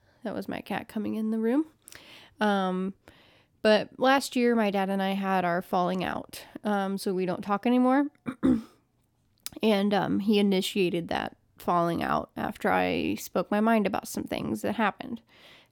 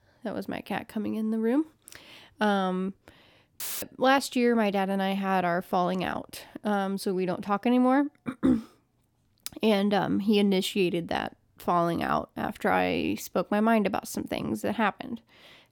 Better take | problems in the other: first | audio cutting out; filled with static; at 3.5 s

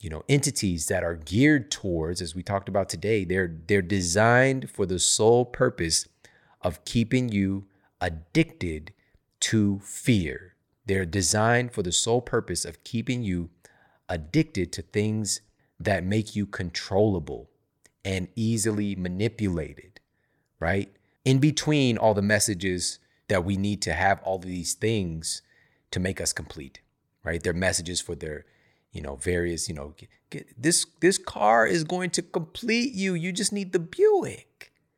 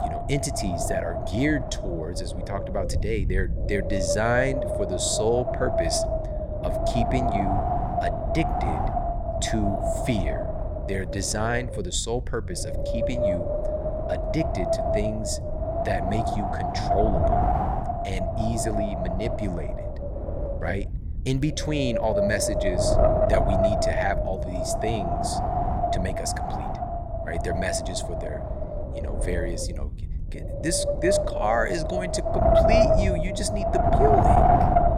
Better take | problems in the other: first | wind noise on the microphone; heavy; 5 dB above the speech

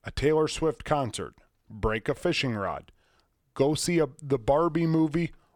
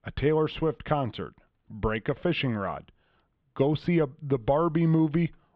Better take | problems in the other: first | muffled; very; fading above 3.5 kHz

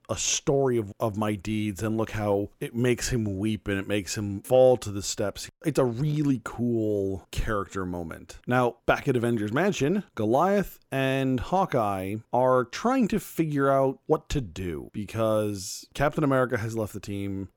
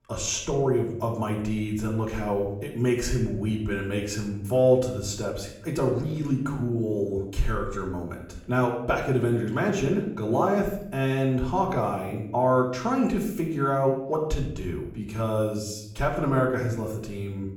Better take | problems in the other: first | off-mic speech; far // room echo; slight; dies away in 0.7 s

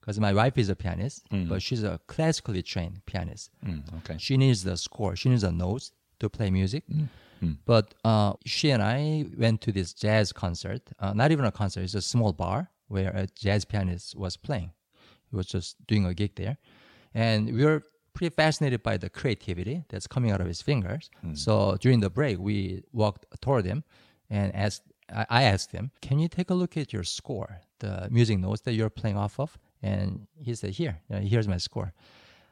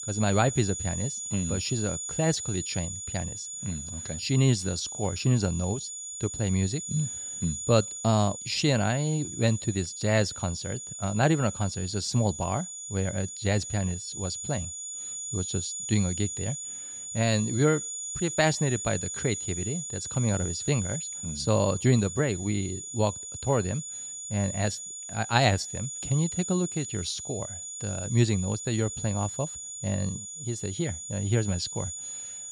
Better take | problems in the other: first | high-pitched whine; loud; throughout; 7 kHz, 6 dB below the speech

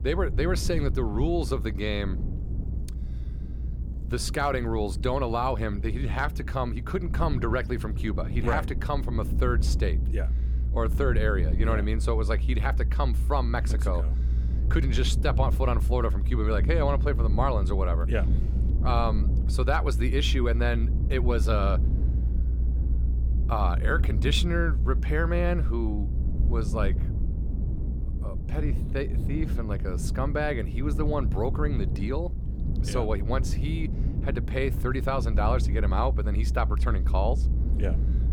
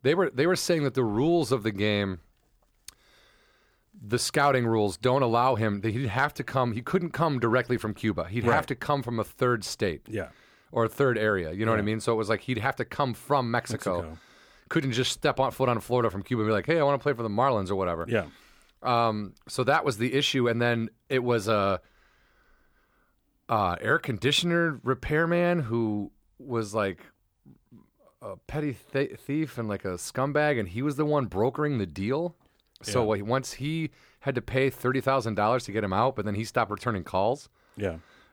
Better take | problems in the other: second | low rumble; noticeable; throughout; 15 dB below the speech

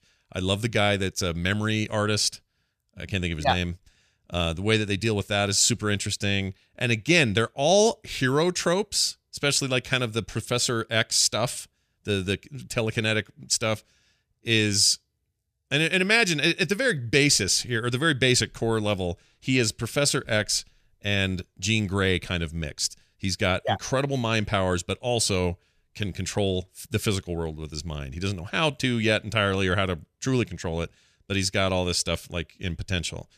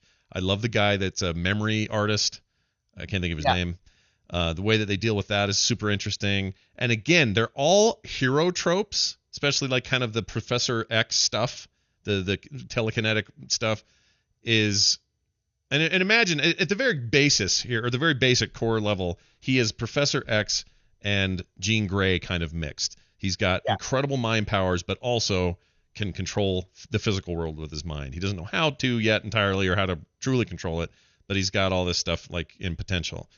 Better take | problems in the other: first | garbled, watery; slightly; nothing above 6.5 kHz

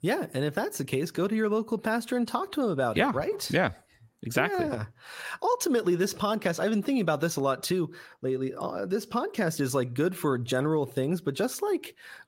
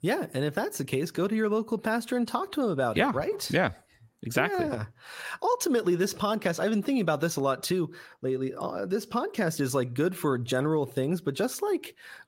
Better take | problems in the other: neither | none

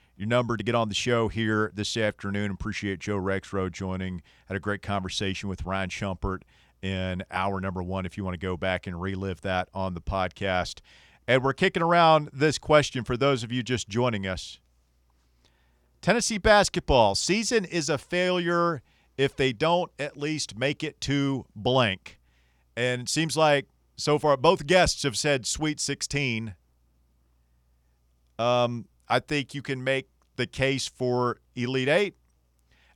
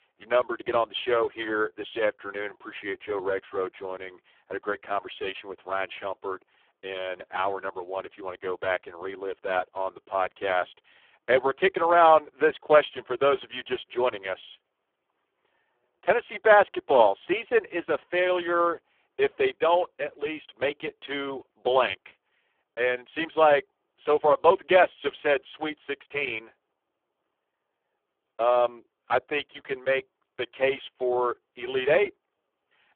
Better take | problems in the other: first | phone-call audio; poor line

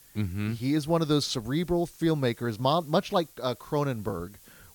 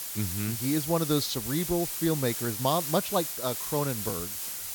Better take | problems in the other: first | hiss; loud; throughout; 3 dB below the speech; faint in the first

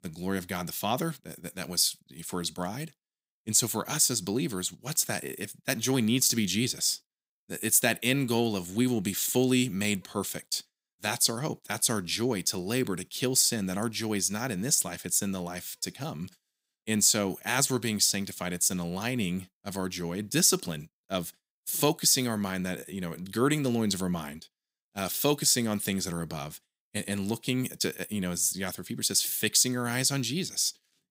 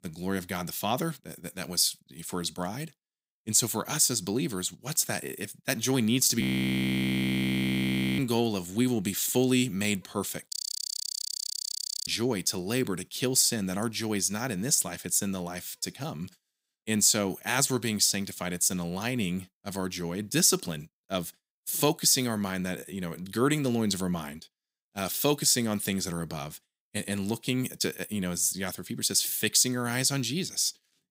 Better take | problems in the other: first | audio freezing; at 6.5 s for 2 s and at 11 s for 1.5 s

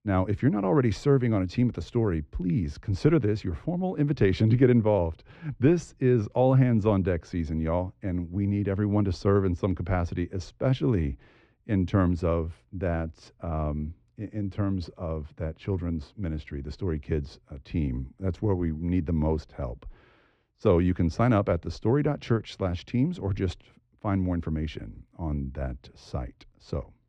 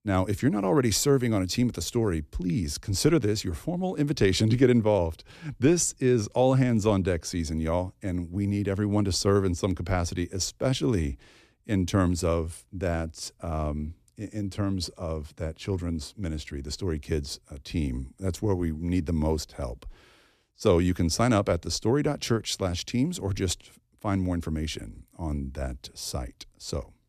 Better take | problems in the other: second | muffled; very; fading above 2.5 kHz

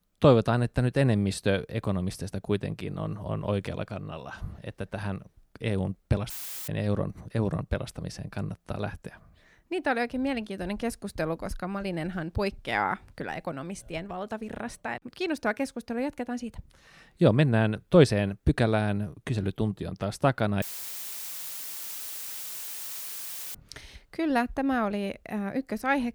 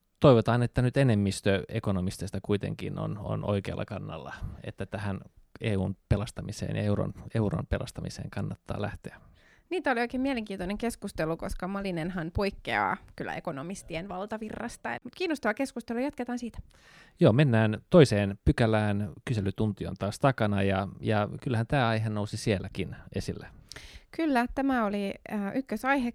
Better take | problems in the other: second | audio cutting out; filled with static; at 6.5 s and at 21 s for 3 s

